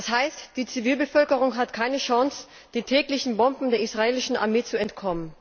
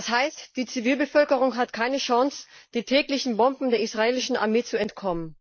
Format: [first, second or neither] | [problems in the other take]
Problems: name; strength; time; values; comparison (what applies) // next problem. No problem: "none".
first | noise reduction (neural mask model Resemble Enhance denoiser)